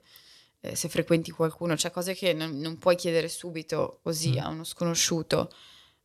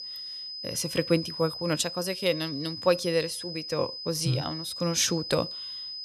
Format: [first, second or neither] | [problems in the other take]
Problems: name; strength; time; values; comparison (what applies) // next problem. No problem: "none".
first | high-pitched whine; loud; throughout; 5 kHz, 7 dB below the speech